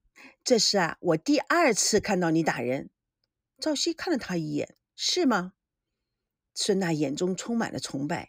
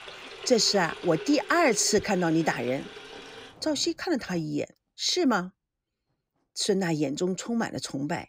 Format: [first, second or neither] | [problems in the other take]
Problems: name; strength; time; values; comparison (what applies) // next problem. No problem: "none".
first | household noises; noticeable; throughout; 15 dB below the speech